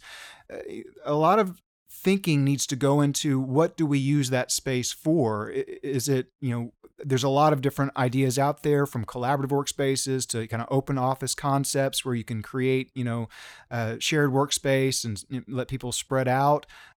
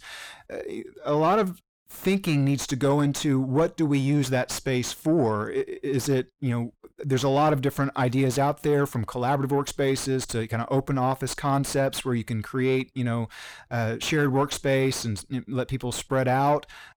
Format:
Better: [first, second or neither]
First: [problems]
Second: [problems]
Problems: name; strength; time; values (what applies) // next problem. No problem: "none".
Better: first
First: none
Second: distortion; slight; 10 dB below the speech